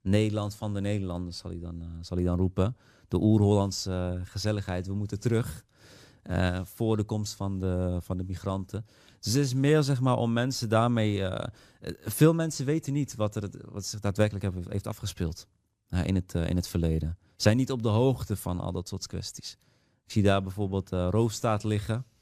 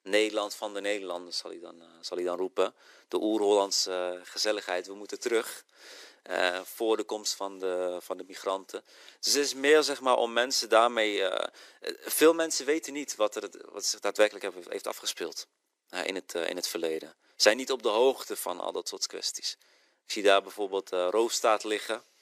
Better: first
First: none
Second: thin; very; fading below 350 Hz

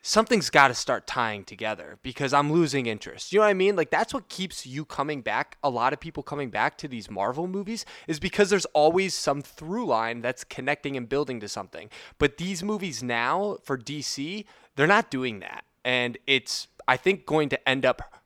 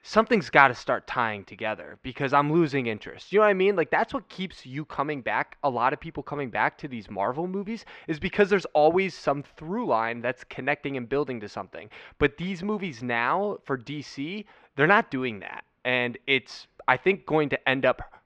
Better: first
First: none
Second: muffled; slightly; fading above 2.5 kHz

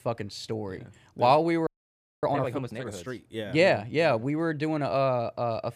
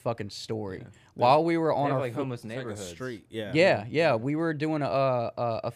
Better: second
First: audio freezing; at 1.5 s for 0.5 s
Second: none

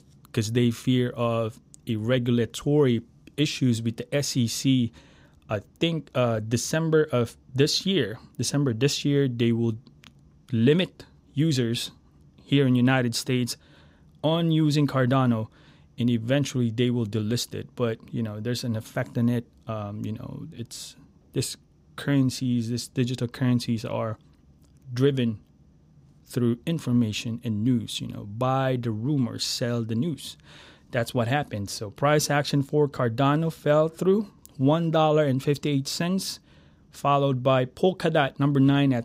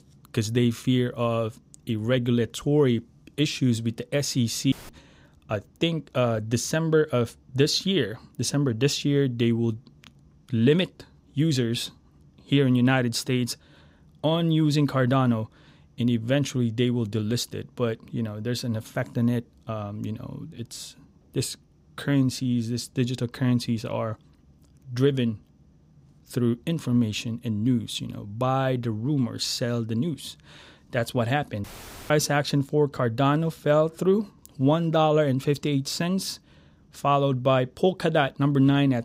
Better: first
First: none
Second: audio cutting out; filled with static; at 4.5 s and at 32 s

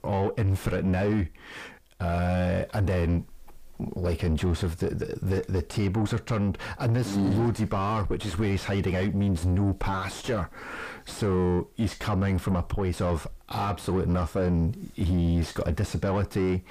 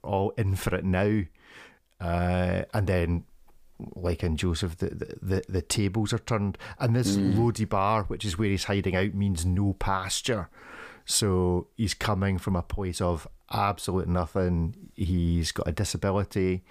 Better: second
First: distortion; heavy; 6 dB below the speech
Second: none

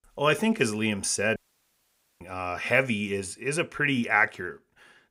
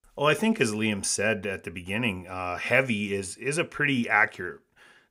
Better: second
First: audio cutting out; at 1.5 s for 1 s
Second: none

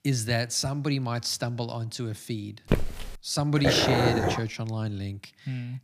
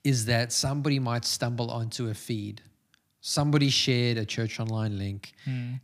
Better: second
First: footsteps; noticeable; at 2.5 s; peak level with the speech // dog barking; loud; at 3.5 s; peak 4 dB above the speech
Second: none

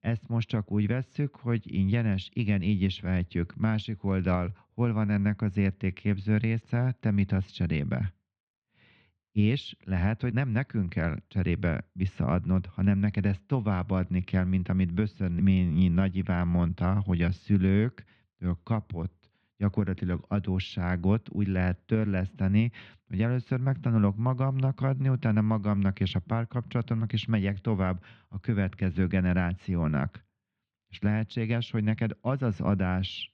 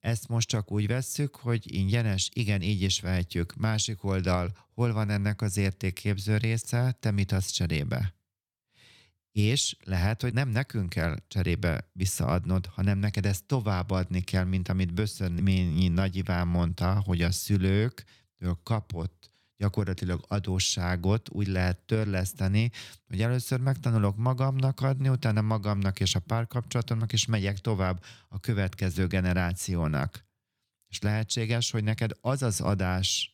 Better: second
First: muffled; very; fading above 3 kHz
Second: none

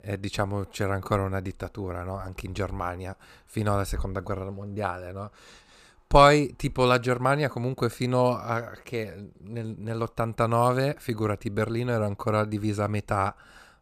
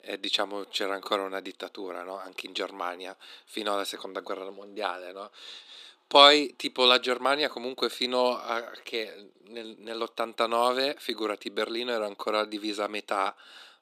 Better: first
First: none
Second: thin; somewhat; fading below 250 Hz

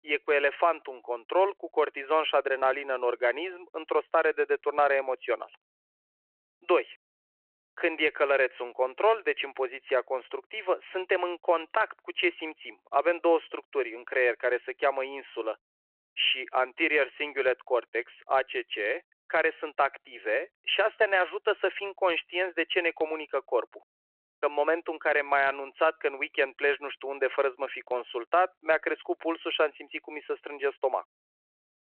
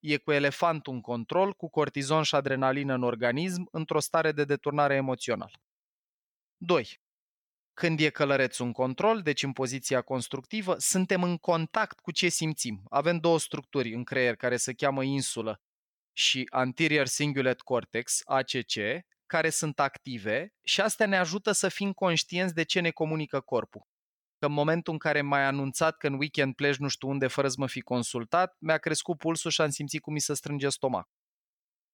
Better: second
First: phone-call audio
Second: none

